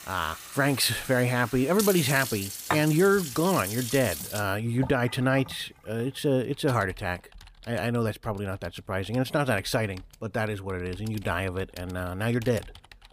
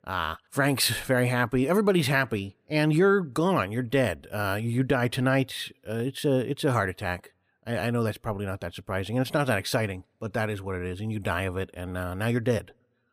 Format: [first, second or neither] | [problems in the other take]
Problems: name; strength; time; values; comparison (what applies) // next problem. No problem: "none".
second | household noises; loud; throughout; 9 dB below the speech